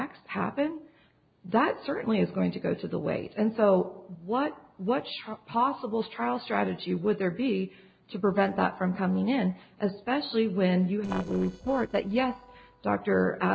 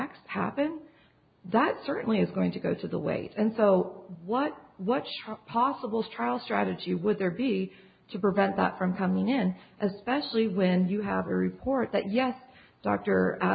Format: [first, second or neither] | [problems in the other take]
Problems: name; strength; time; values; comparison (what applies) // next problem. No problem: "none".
second | noise reduction (neural separator model SepFormer DNS4)